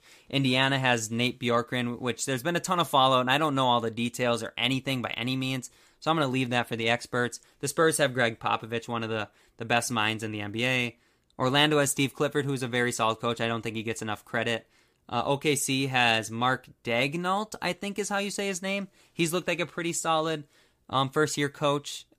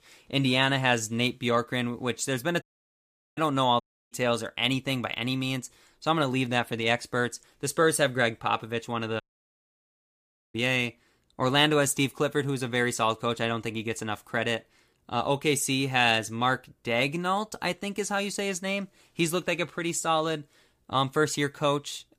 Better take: first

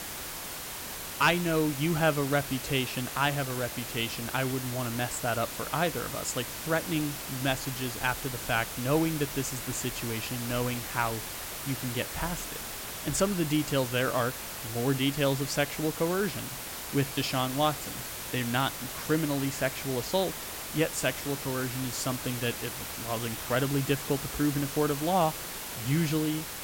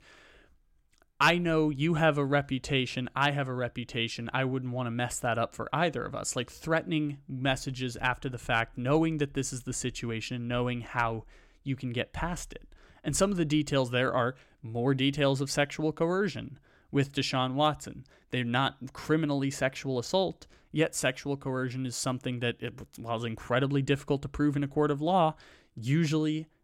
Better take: second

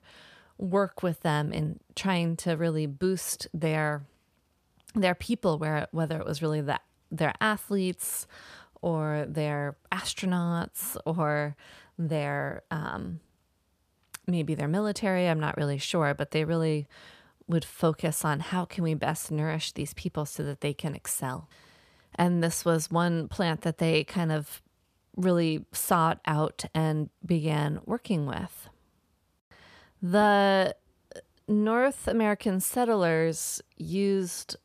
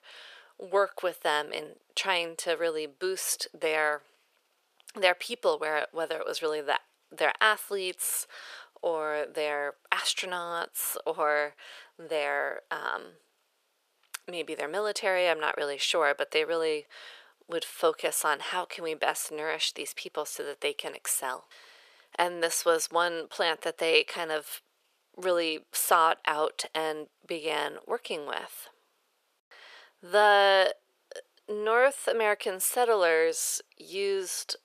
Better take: first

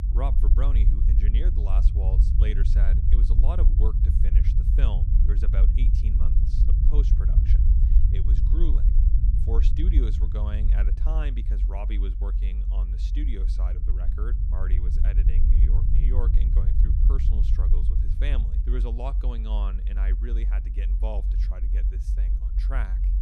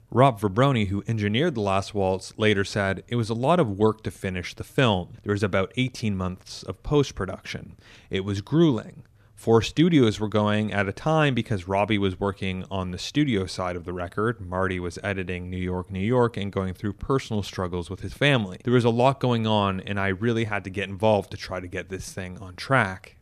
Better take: second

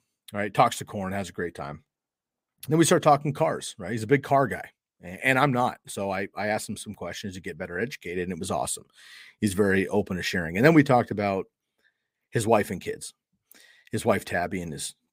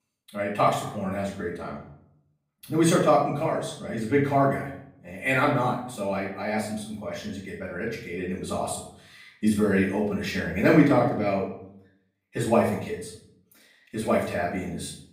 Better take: first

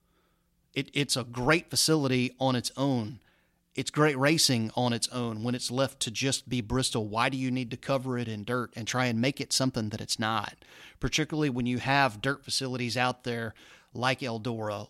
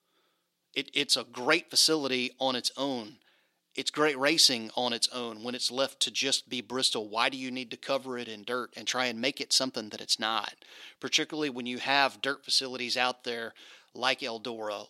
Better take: first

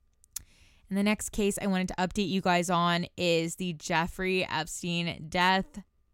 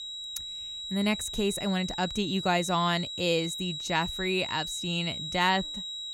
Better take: first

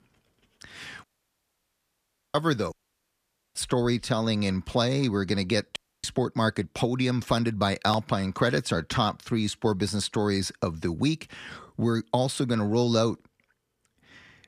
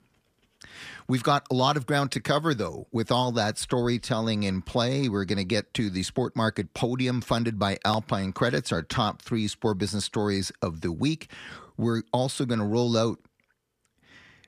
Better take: second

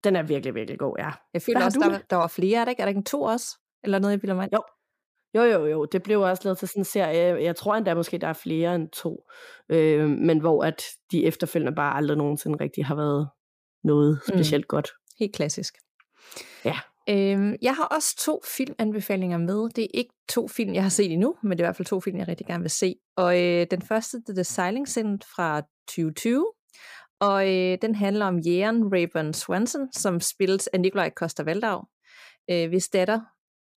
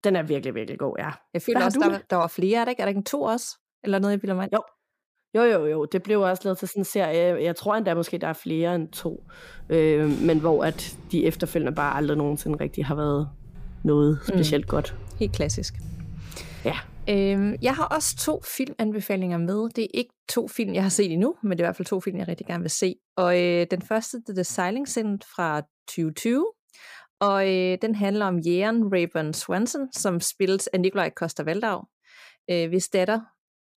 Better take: first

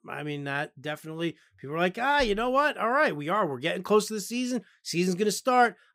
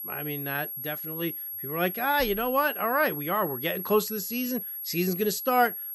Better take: first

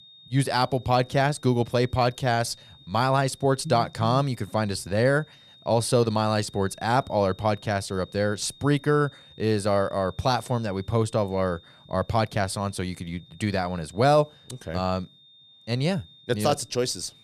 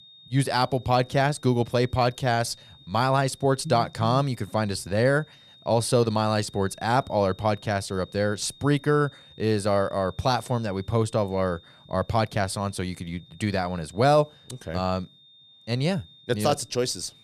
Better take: neither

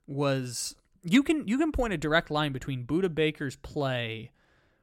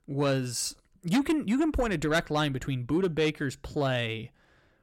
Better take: first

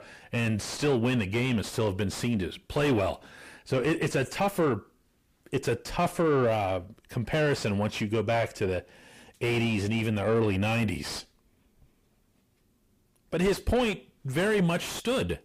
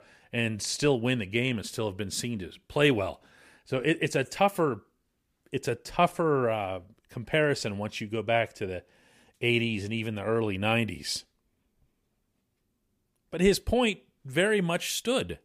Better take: second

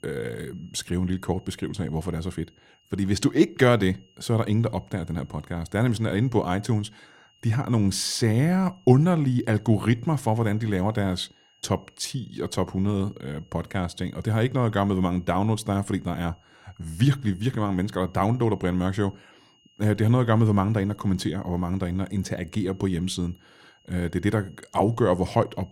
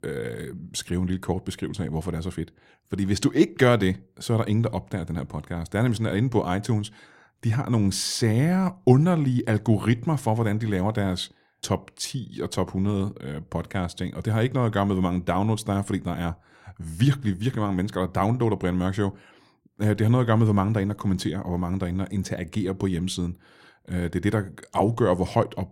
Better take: second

